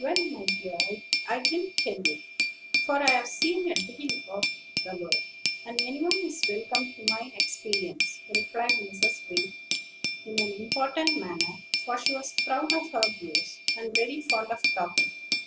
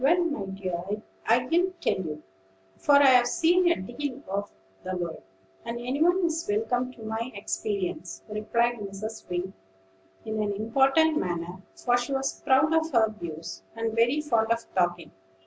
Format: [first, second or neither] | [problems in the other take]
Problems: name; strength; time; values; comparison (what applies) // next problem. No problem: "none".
second | background sound (Glass); 2 dB above the speech